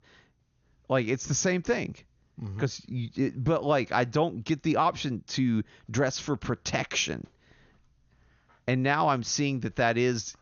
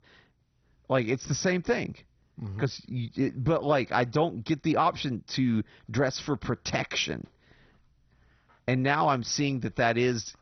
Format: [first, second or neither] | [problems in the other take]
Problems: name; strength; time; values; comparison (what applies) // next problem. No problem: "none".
first | garbled, watery; badly; nothing above 6 kHz; slightly in the first